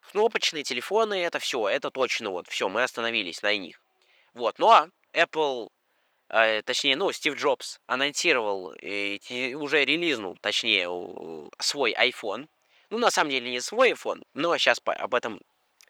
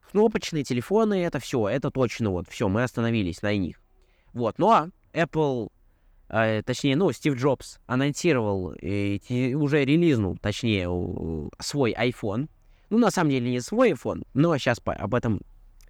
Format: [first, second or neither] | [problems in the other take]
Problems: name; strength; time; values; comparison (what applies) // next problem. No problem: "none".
second | thin; very; fading below 600 Hz